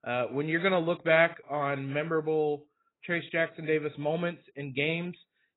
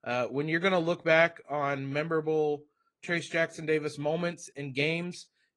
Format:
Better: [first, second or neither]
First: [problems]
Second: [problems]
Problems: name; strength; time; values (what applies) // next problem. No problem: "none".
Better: second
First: garbled, watery; badly; nothing above 4 kHz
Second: garbled, watery; slightly